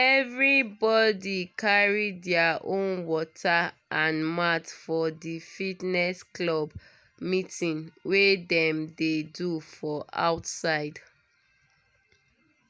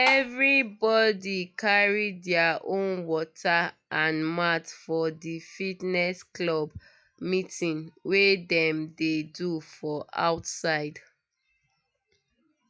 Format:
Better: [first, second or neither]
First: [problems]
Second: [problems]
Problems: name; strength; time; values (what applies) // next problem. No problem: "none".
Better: first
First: none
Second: noise reduction (classical method log-MMSE)